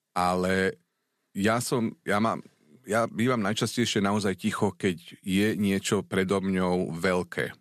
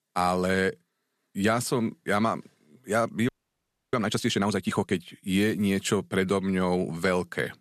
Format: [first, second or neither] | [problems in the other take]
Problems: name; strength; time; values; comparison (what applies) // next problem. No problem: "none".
first | audio freezing; at 3.5 s for 0.5 s